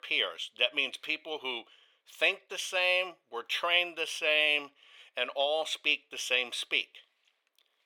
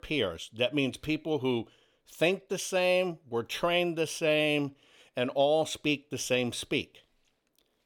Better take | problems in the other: second | thin; very; fading below 650 Hz

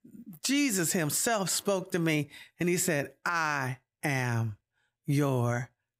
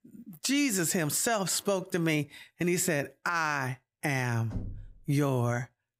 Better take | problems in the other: first | door banging; faint; at 4.5 s; peak 10 dB below the speech

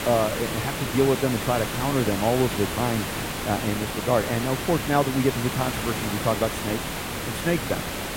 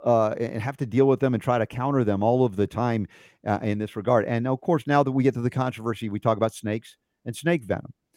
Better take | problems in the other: second | hiss; loud; throughout; 3 dB below the speech

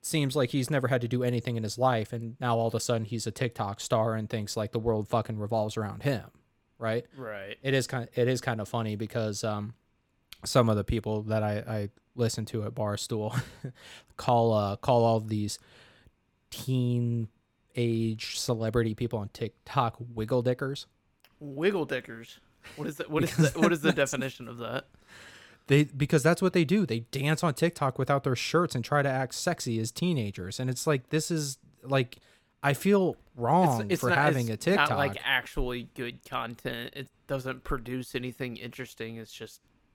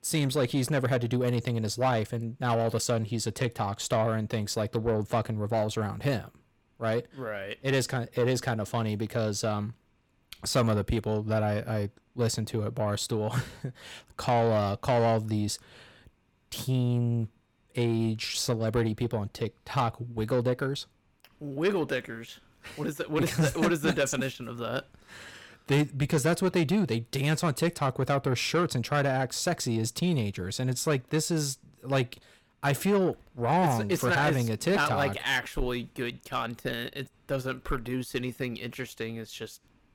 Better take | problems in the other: first | distortion; slight; 10 dB below the speech

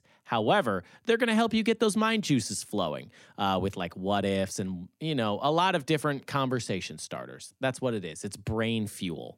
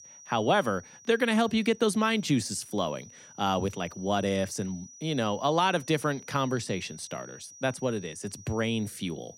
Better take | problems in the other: first | high-pitched whine; noticeable; throughout; 6 kHz, 20 dB below the speech

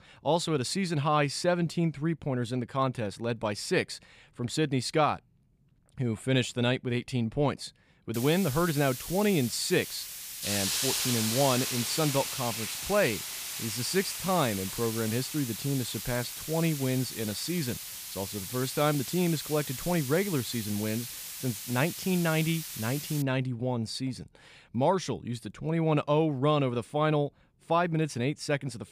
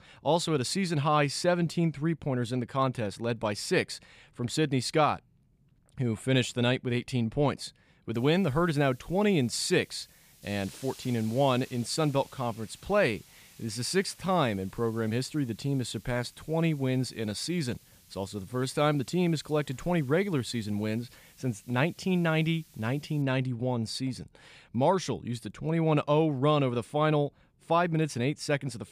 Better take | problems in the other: second | hiss; loud; from 8 to 23 s; 5 dB below the speech; faint in the second

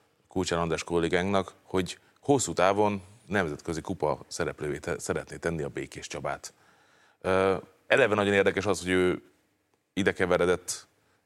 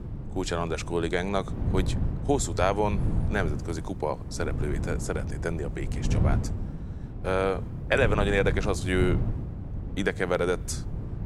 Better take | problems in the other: first | wind noise on the microphone; occasional gusts; 15 dB below the speech

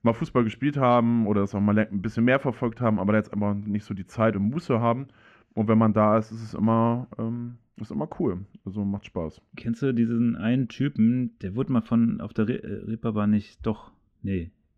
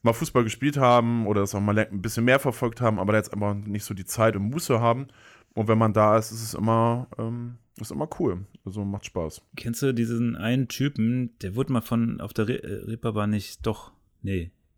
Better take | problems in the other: second | muffled; slightly; fading above 3 kHz

